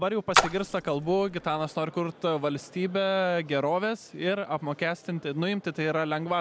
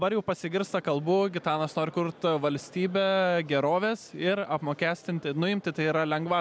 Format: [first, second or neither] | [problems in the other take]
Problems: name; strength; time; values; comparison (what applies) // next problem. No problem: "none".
second | background sound (Splash, splatter); 1 dB below the speech